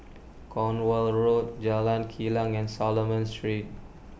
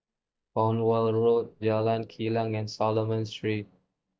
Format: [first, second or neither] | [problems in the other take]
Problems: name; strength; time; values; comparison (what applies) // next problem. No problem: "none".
first | noise reduction (neural mask model DeepFilterNet 3)